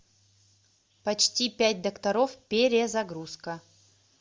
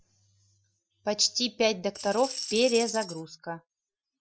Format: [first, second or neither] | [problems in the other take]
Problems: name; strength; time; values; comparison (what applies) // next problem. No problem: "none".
first | noise reduction (classical method Wiener filter)